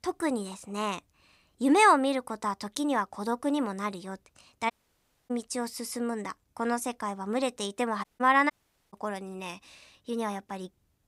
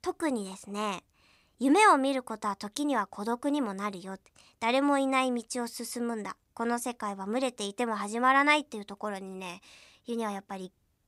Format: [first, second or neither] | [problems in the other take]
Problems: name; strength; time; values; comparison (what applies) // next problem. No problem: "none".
second | audio cutting out; at 4.5 s for 0.5 s, at 8 s and at 8.5 s